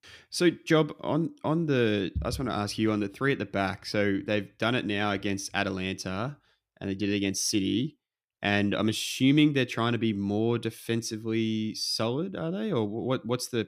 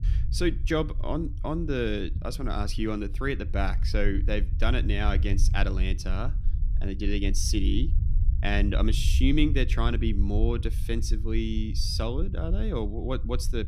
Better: first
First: none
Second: low rumble; noticeable; throughout; 15 dB below the speech

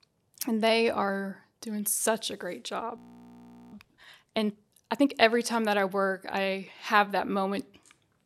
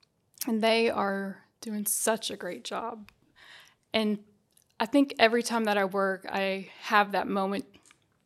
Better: second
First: audio freezing; at 3 s for 1 s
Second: none

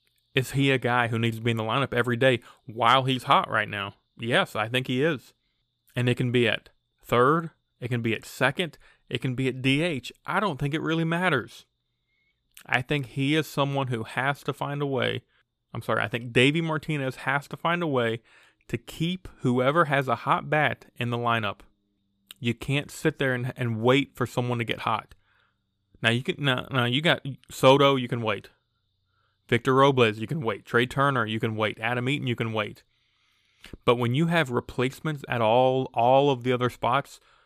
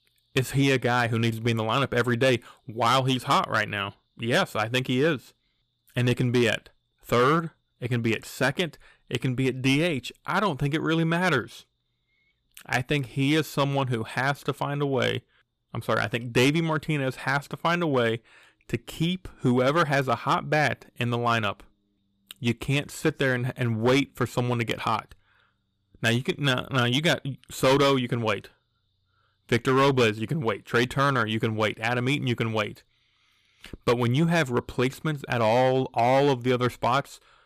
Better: first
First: none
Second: distortion; slight; 4% of the sound clipped

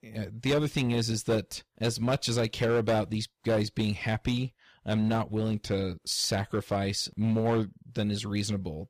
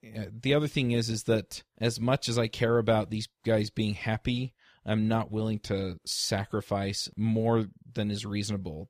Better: second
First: distortion; slight; 6% of the sound clipped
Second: none

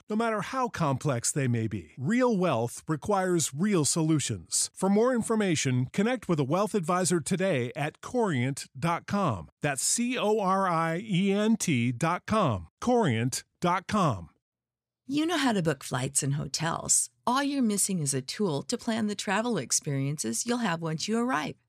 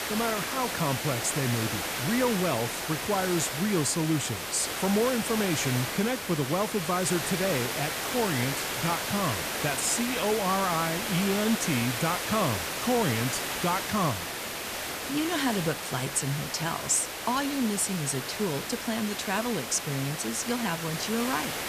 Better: first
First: none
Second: hiss; loud; throughout; 2 dB below the speech

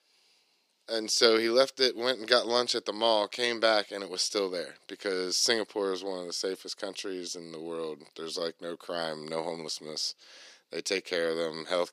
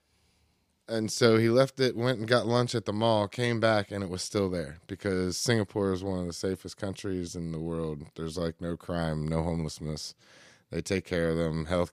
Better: second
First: thin; somewhat; fading below 350 Hz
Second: none

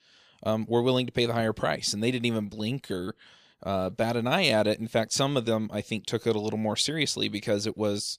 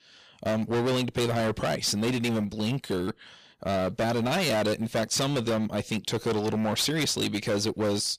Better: first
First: none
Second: distortion; heavy; 22% of the sound clipped

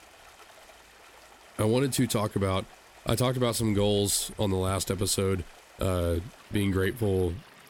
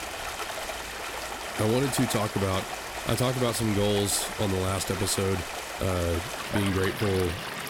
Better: first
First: rain or running water; faint; throughout; 25 dB below the speech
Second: rain or running water; loud; throughout; 5 dB below the speech

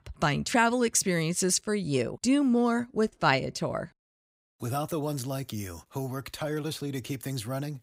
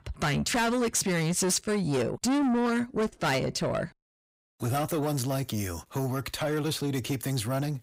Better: first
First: none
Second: distortion; heavy; 6 dB below the speech

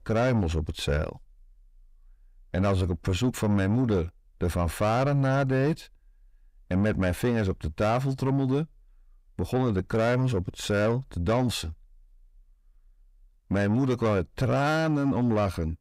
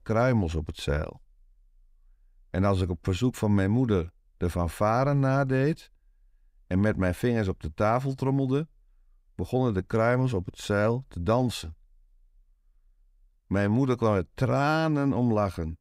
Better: second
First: distortion; slight; 10 dB below the speech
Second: none

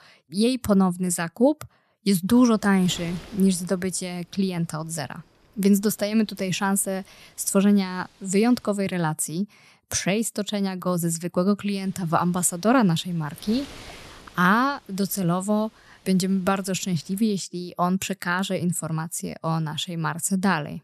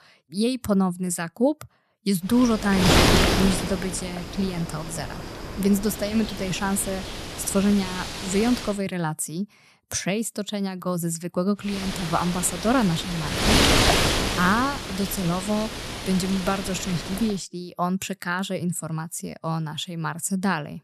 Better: first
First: wind noise on the microphone; occasional gusts; from 2.5 to 8.5 s and from 12 to 17 s; 20 dB below the speech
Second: wind noise on the microphone; heavy; from 2.5 to 8.5 s and from 12 to 17 s; 3 dB above the speech

